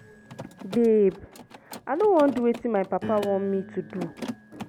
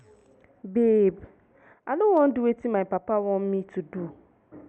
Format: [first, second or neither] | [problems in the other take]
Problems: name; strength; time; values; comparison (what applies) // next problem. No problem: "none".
second | background sound (Piano + Mechanisms); 14 dB below the speech